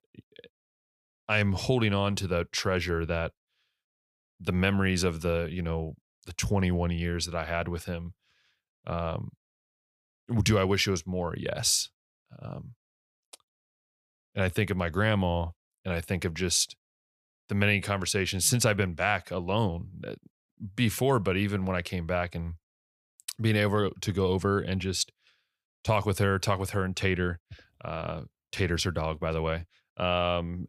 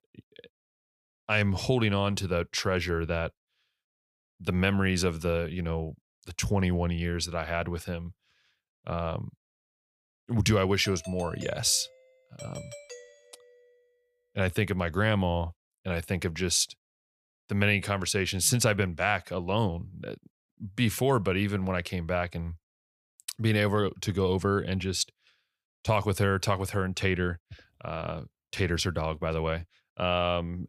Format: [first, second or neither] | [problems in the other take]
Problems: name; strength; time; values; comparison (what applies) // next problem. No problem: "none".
first | doorbell; faint; from 11 to 14 s; peak 15 dB below the speech